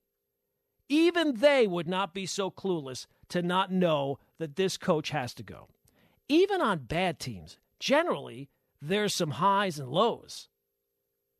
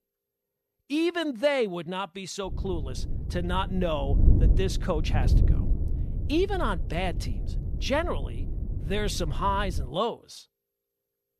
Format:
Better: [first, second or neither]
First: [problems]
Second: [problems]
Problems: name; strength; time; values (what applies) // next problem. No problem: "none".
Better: first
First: none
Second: wind noise on the microphone; faint; from 2.5 to 10 s; 15 dB below the speech